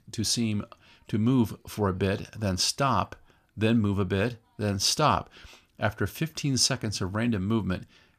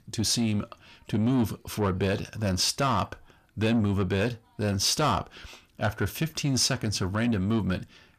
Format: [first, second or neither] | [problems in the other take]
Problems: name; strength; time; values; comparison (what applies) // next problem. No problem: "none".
first | distortion; slight; 10 dB below the speech